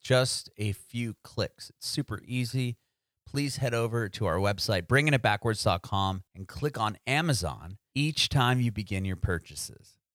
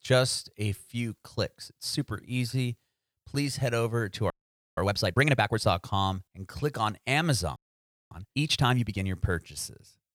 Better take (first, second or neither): first